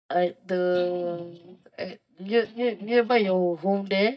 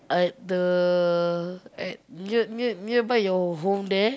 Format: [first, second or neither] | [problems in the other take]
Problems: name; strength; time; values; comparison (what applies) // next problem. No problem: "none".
second | noise reduction (neural mask model DeepFilterNet 3)